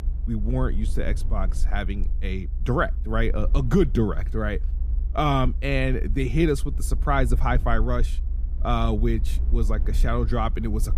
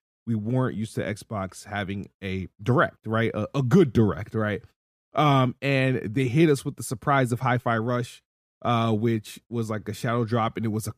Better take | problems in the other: second | low rumble; faint; throughout; 20 dB below the speech

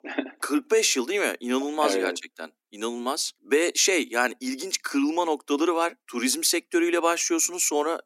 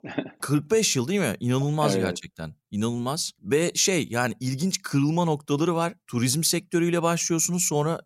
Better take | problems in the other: second | thin; very slightly; fading below 250 Hz

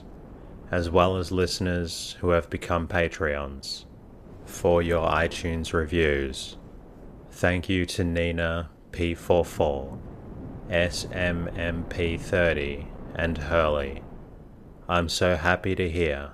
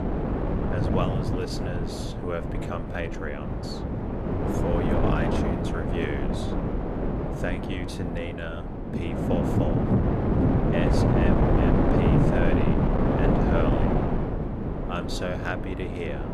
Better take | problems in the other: first | wind noise on the microphone; heavy; 4 dB above the speech; occasional gusts in the first

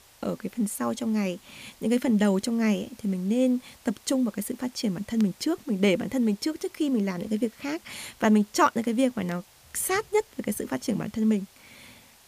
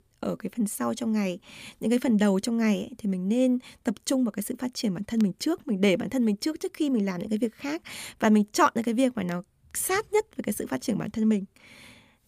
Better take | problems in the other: second | hiss; faint; throughout; 25 dB below the speech

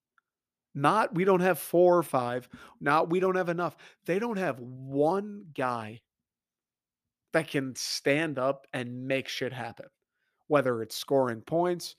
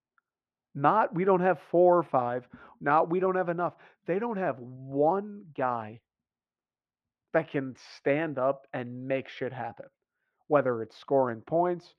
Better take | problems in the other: first | muffled; very; fading above 2 kHz

